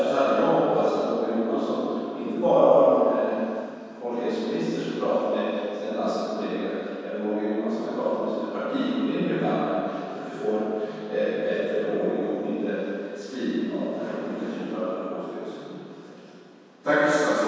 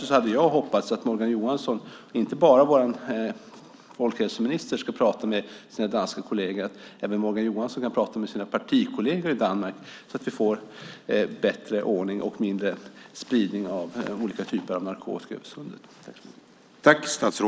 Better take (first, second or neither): second